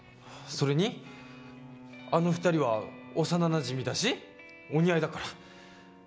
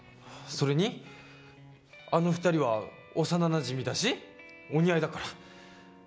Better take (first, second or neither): second